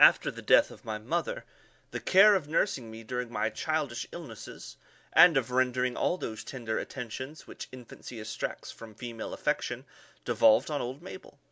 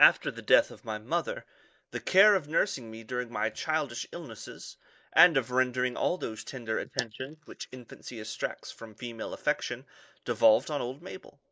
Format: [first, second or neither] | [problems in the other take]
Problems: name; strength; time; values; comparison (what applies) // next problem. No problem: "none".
first | noise reduction (neural mask model Resemble Enhance denoiser)